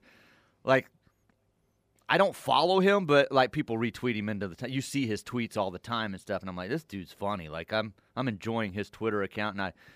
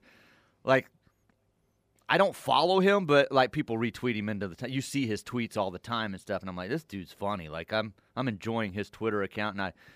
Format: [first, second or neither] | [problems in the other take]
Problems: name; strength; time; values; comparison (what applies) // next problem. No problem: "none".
neither | none